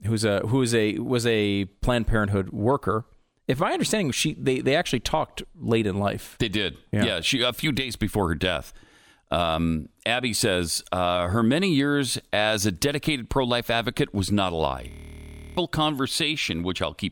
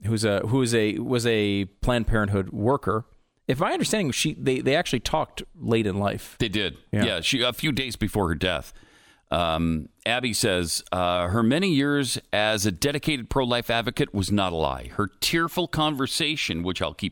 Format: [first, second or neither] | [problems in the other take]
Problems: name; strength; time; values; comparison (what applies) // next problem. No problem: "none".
second | audio freezing; at 15 s for 0.5 s